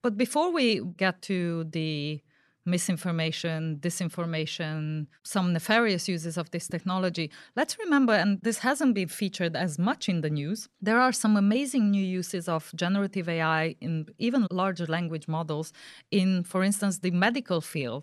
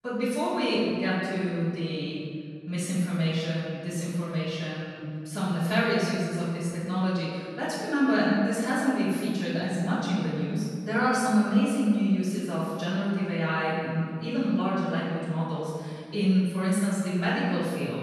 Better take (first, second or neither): first